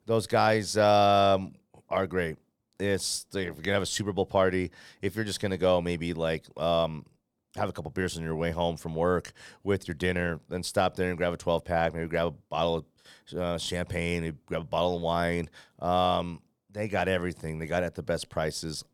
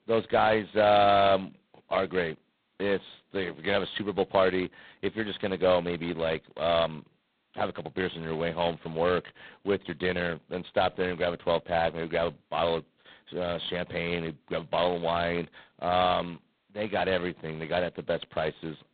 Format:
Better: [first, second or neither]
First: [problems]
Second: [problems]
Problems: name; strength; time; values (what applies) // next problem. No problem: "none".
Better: first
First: none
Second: phone-call audio; poor line; nothing above 4 kHz